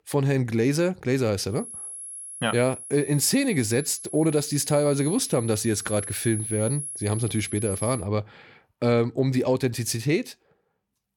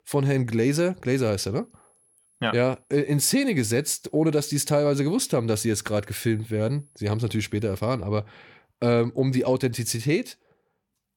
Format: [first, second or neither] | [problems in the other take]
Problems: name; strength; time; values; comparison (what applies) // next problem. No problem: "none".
second | high-pitched whine; loud; from 1.5 to 8 s; 10.5 kHz, 9 dB below the speech; faint in the second